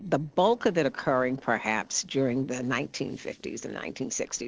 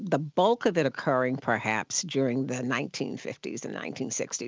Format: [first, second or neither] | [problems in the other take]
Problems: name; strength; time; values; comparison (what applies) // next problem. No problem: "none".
second | noise reduction (neural separator model SepFormer DNS4)